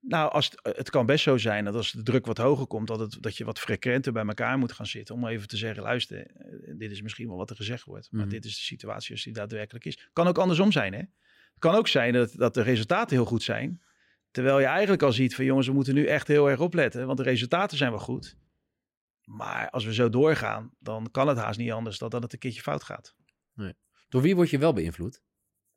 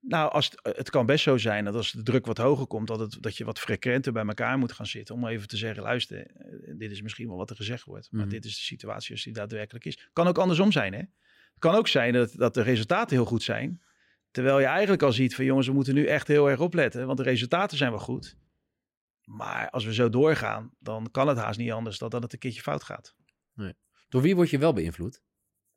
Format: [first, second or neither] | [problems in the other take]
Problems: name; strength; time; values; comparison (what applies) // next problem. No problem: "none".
neither | none